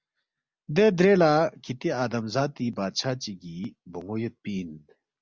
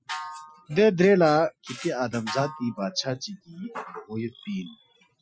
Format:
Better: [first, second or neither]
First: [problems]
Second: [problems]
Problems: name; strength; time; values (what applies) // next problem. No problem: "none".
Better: first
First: none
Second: noise reduction (classical method Wiener filter)